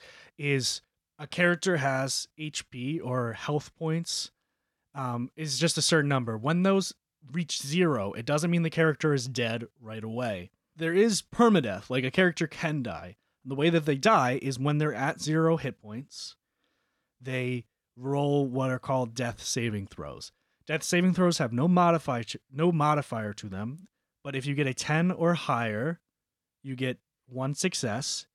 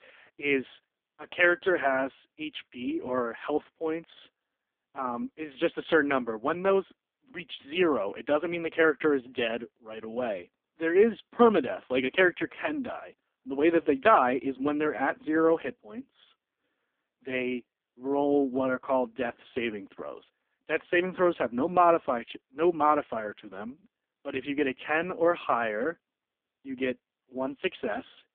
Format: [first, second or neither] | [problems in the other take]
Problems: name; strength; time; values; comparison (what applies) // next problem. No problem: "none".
first | phone-call audio; poor line